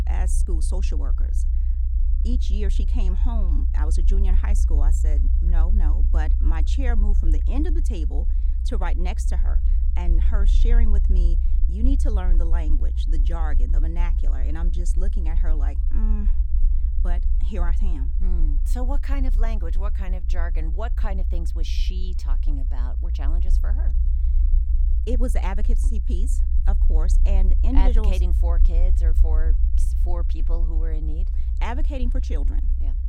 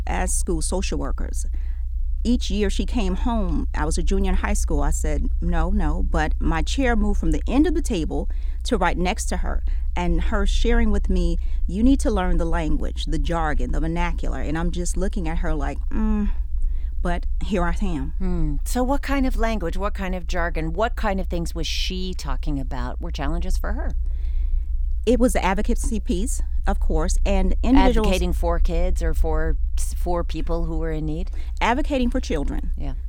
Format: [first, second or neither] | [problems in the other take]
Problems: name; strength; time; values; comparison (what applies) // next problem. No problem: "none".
second | low rumble; loud; throughout; 8 dB below the speech; faint in the second